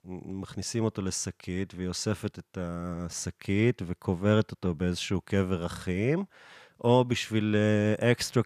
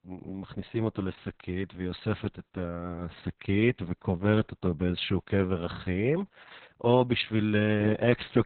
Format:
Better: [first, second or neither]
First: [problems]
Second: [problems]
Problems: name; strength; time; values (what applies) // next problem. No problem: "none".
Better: first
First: none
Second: garbled, watery; badly; nothing above 4 kHz